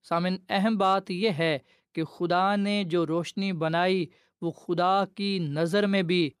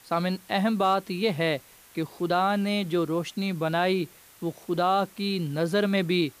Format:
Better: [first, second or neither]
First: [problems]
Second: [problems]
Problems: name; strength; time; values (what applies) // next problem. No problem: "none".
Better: first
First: none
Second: hiss; faint; throughout; 25 dB below the speech